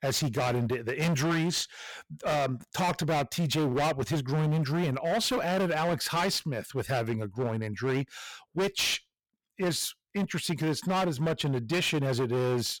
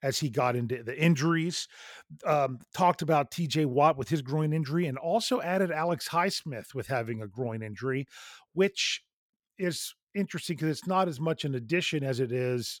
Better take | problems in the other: second | distortion; heavy; 22% of the sound clipped

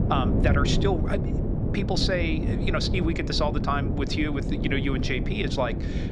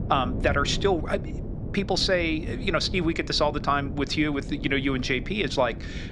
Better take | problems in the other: second | wind noise on the microphone; heavy; 6 dB below the speech; occasional gusts in the second

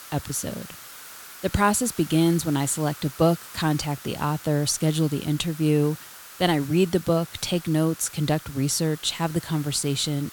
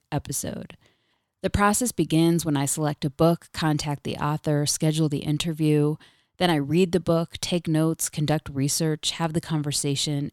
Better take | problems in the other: second | hiss; noticeable; throughout; 15 dB below the speech

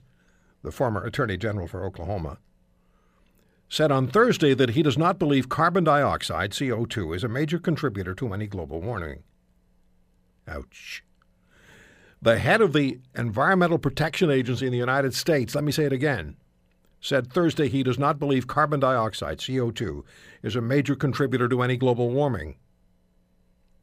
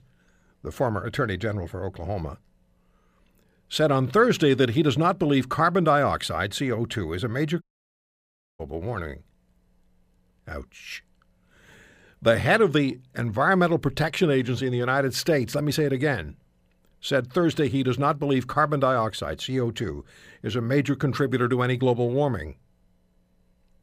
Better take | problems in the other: first | audio cutting out; at 7.5 s for 1 s

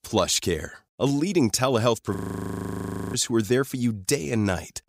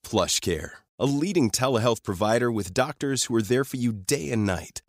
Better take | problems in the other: second | audio freezing; at 2 s for 1 s

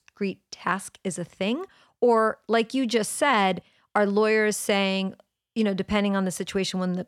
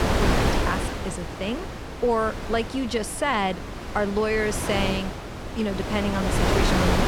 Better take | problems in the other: first | wind noise on the microphone; heavy; 2 dB below the speech

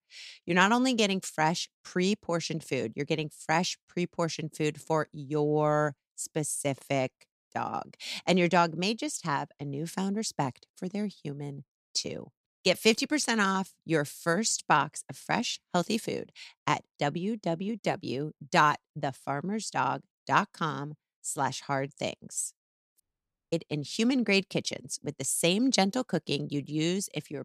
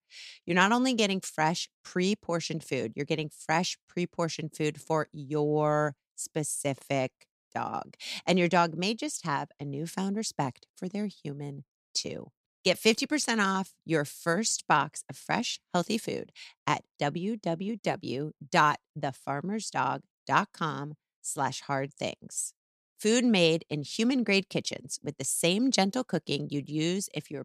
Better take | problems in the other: second | audio cutting out; at 23 s for 0.5 s

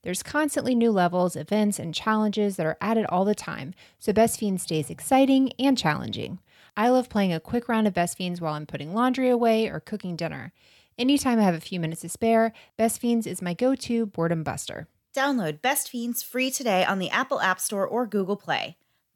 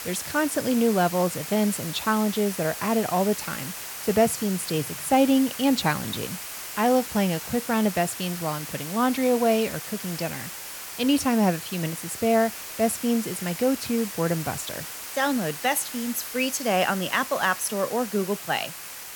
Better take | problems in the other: first | hiss; loud; throughout; 9 dB below the speech

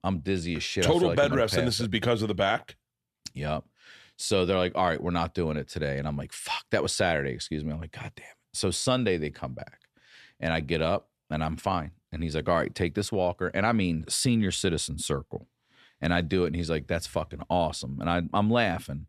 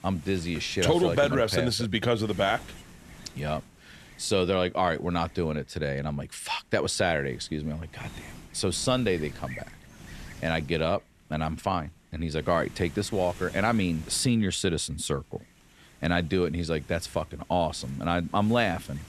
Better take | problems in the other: first | wind noise on the microphone; occasional gusts; 20 dB below the speech

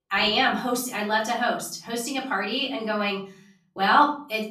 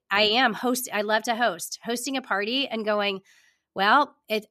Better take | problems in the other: second | off-mic speech; far // room echo; slight; dies away in 0.6 s

